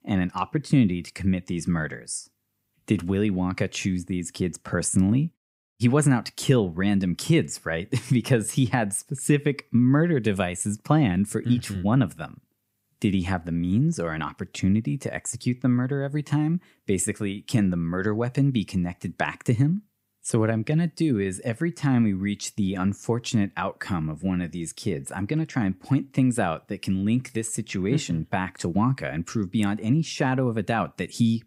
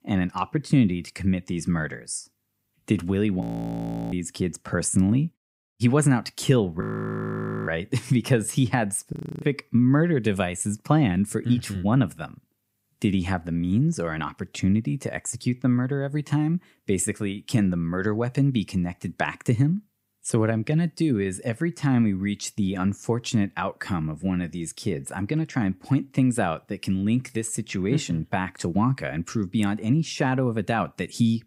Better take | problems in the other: first | audio freezing; at 3.5 s for 0.5 s, at 7 s for 1 s and at 9 s

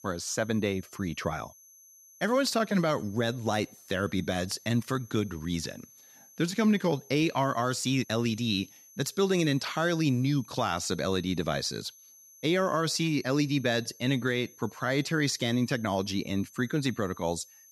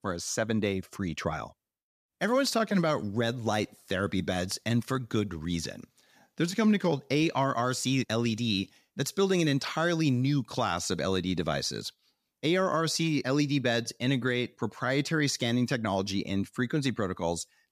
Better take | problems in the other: second | high-pitched whine; faint; throughout; 6 kHz, 25 dB below the speech

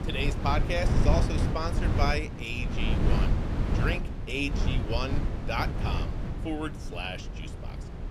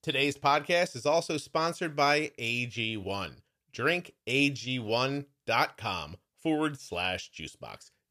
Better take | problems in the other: second | wind noise on the microphone; heavy; 5 dB below the speech

